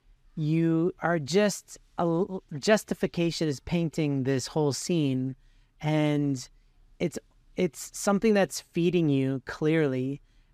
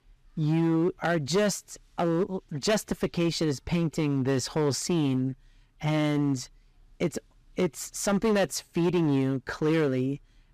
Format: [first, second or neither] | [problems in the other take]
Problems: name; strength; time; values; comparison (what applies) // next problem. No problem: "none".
first | distortion; slight; 8% of the sound clipped